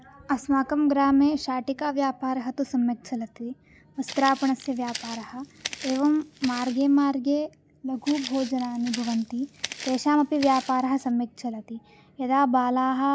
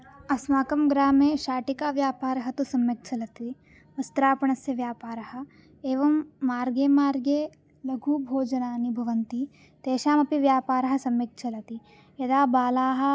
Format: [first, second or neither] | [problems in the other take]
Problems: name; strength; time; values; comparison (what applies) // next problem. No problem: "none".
second | background sound (Walk, footsteps); 14 dB below the speech